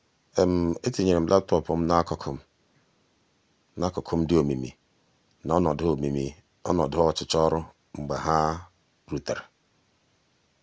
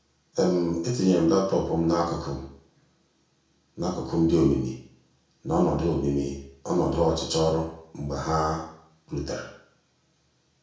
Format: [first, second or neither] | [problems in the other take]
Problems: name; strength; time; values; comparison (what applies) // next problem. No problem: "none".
first | room echo; dies away in 0.5 s